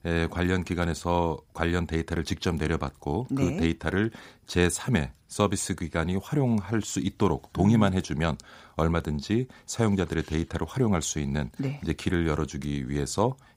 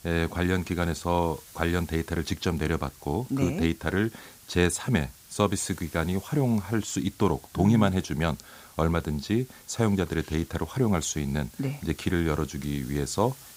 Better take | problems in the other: first | hiss; faint; throughout; 20 dB below the speech

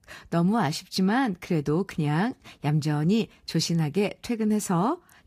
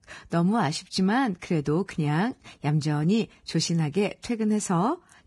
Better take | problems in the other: first | garbled, watery; badly; nothing above 10.5 kHz; slightly in the first

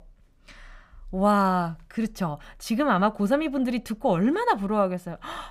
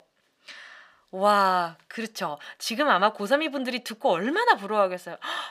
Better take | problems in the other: first | thin; somewhat; fading below 400 Hz

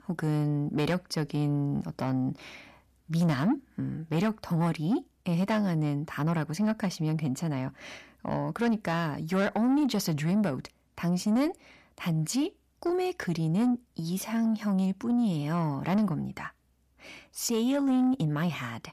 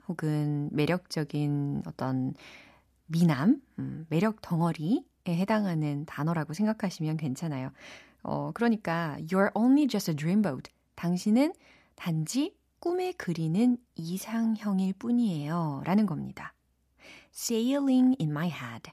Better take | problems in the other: second | distortion; slight; 10 dB below the speech

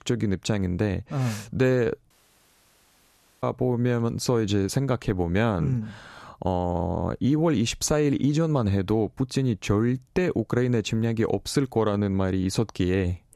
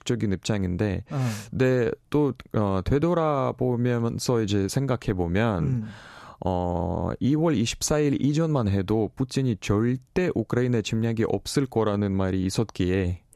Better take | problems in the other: second | audio cutting out; at 2 s for 1.5 s

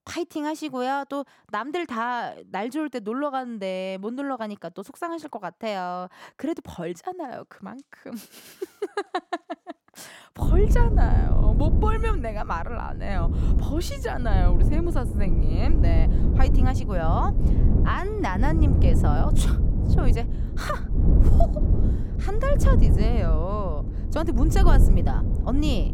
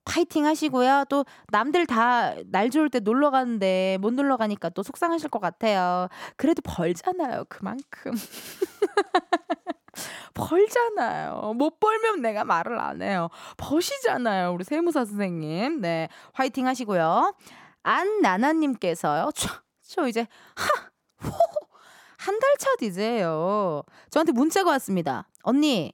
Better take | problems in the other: second | wind noise on the microphone; heavy; from 10 s on; 6 dB below the speech

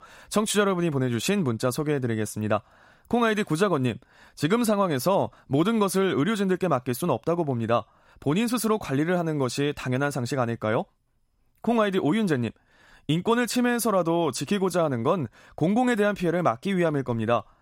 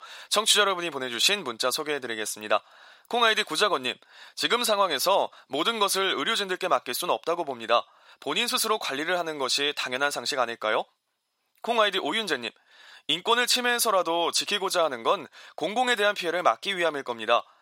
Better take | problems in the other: first | thin; very; fading below 600 Hz

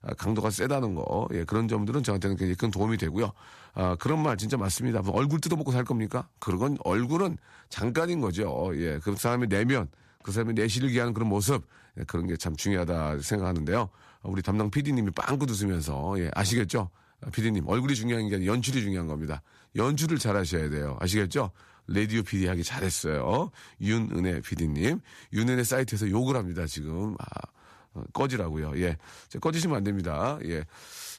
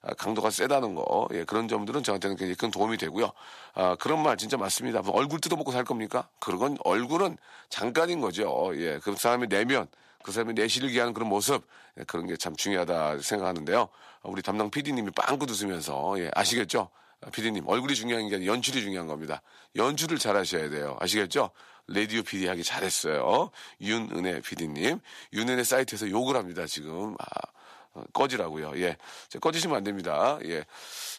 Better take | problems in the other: first | thin; somewhat; fading below 300 Hz

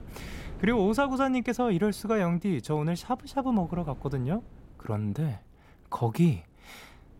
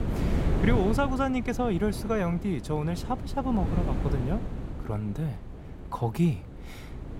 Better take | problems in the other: first | wind noise on the microphone; heavy; 8 dB below the speech; occasional gusts in the first

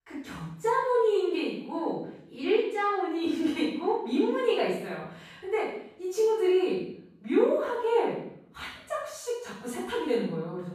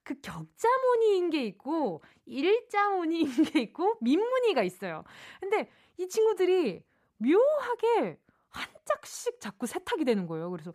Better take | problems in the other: second | off-mic speech; far // room echo; strong; dies away in 0.7 s

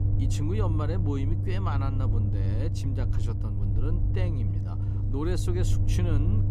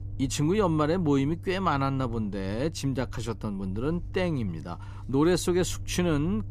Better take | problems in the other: second | low rumble; loud; throughout; 3 dB below the speech; faint in the second

